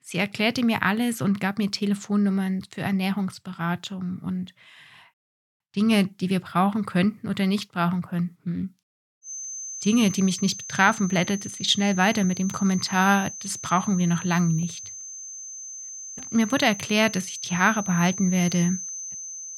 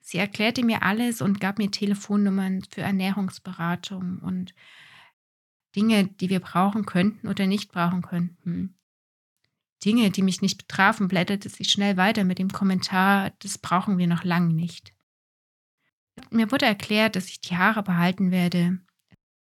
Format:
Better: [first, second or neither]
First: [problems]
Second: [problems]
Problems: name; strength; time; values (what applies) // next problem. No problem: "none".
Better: second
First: high-pitched whine; loud; from 9.5 s on; 6 kHz, 10 dB below the speech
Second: none